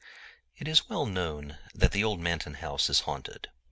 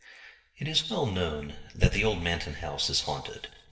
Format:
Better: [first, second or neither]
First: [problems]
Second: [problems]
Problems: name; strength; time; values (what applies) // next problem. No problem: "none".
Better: first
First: none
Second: room echo; dies away in 1.6 s